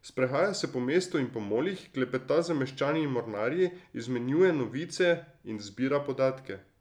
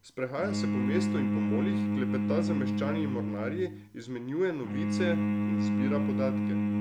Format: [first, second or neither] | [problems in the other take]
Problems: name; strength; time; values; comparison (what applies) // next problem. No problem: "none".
first | background sound (Bowed string instrument); 5 dB above the speech